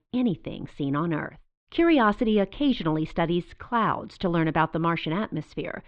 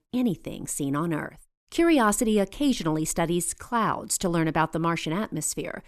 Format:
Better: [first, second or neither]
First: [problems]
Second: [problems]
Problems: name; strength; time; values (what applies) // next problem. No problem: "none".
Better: second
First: muffled; very; fading above 3.5 kHz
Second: none